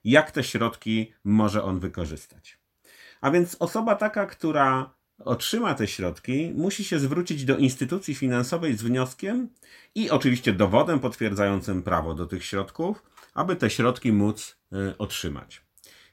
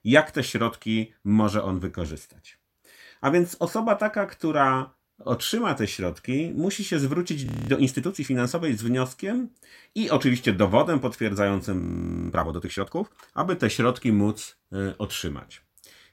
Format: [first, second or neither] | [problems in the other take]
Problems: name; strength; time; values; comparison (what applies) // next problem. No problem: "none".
first | audio freezing; at 7.5 s and at 12 s